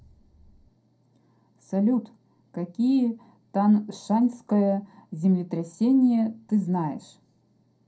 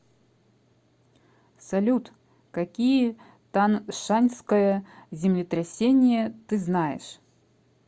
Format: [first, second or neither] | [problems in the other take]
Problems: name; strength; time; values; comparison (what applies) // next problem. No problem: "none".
second | room echo; dies away in 0.2 s